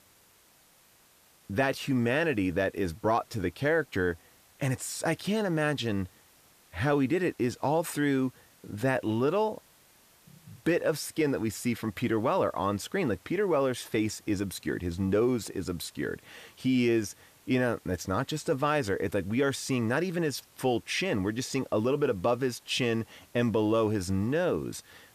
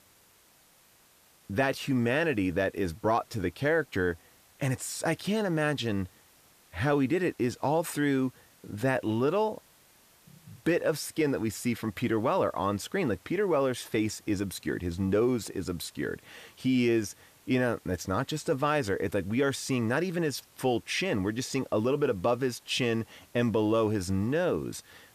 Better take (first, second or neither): neither